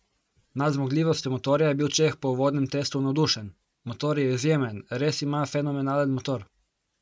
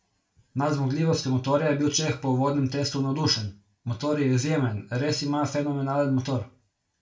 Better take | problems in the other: first | room echo; dies away in 0.3 s

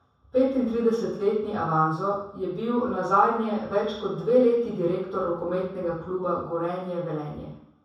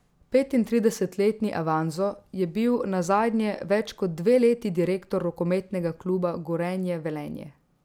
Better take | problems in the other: second | room echo; dies away in 0.7 s

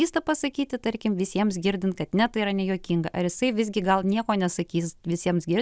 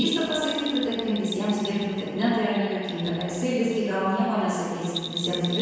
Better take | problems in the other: first | background sound (Bell); 11 dB below the speech // room echo; dies away in 1.9 s

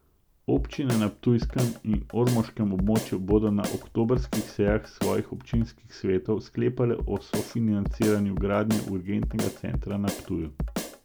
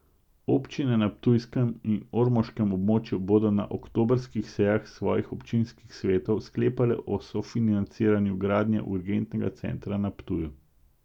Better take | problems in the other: second | background sound (Drum kit); 8 dB below the speech

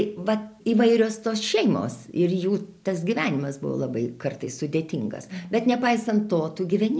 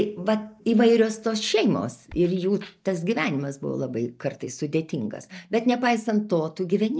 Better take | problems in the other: first | noise reduction (neural mask model DeepFilterNet 3)

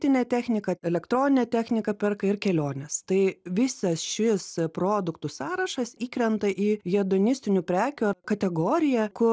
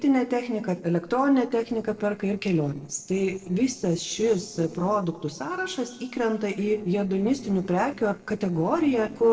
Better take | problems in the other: first | noise reduction (neural separator model SepFormer DNS4)

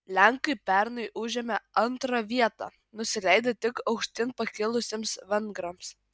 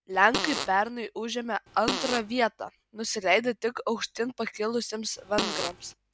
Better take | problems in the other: first | background sound (Fart); 4 dB below the speech

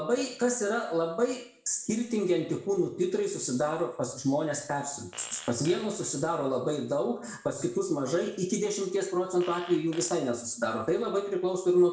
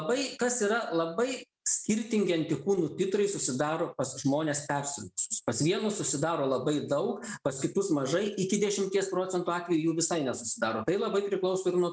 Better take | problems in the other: second | background sound (Fart); 19 dB below the speech // room echo; dies away in 0.5 s

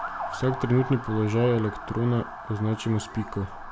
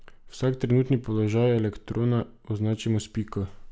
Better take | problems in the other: second | background sound (Motor vehicle (road) / Siren); 11 dB below the speech

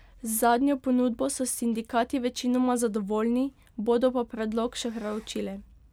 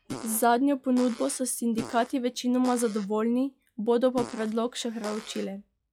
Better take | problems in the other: first | noise reduction (classical method log-MMSE)

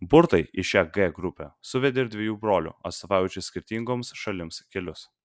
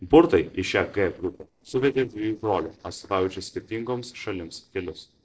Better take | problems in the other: first | noise reduction (neural separator model SepFormer DNS4)

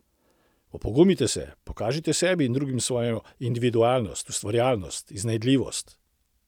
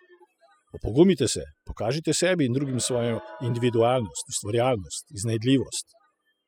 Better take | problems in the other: first | noise reduction (classical method spectral subtraction)

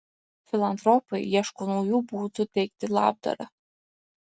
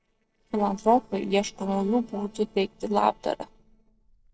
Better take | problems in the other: first | noise reduction (neural separator model SepFormer DNS4)

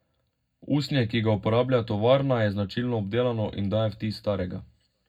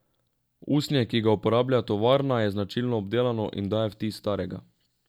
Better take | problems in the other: second | room echo; dies away in 0.3 s

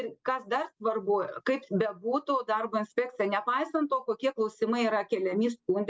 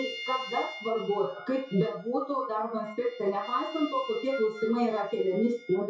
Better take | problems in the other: first | noise reduction (classical method WPE with log-MMSE)

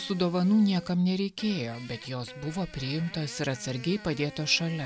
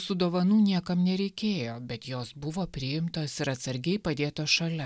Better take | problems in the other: second | background sound (Fart); 19 dB below the speech

